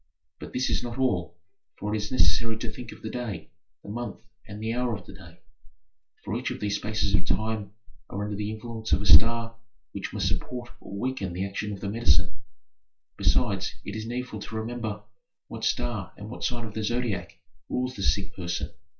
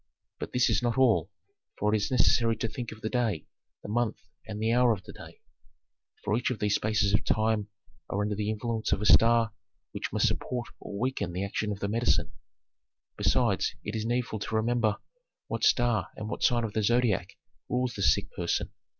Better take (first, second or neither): second